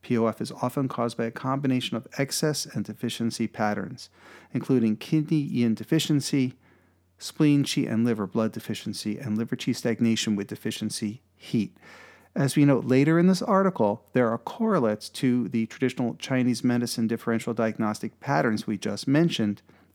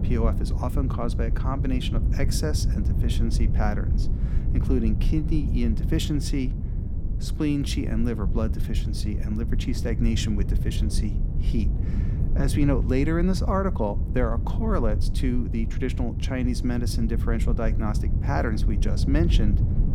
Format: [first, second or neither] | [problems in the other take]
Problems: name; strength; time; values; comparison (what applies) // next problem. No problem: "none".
first | low rumble; loud; throughout; 9 dB below the speech